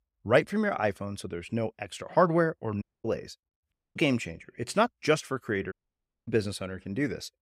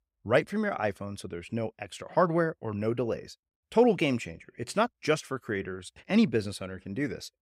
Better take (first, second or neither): second